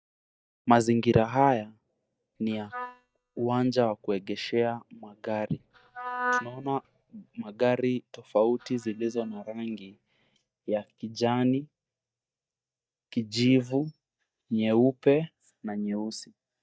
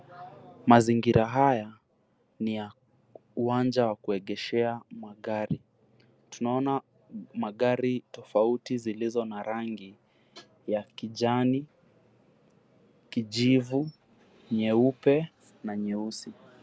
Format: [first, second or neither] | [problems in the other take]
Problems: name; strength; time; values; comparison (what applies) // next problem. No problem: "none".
second | noise reduction (neural mask model DeepFilterNet 3)